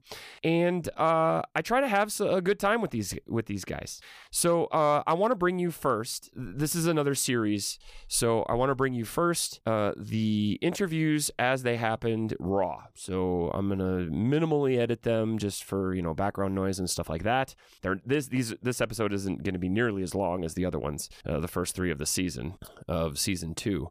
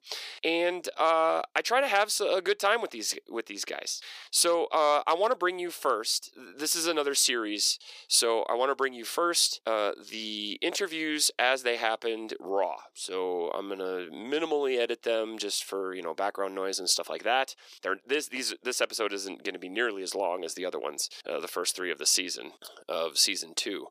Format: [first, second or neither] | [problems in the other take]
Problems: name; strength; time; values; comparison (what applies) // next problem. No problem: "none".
first | thin; very; fading below 350 Hz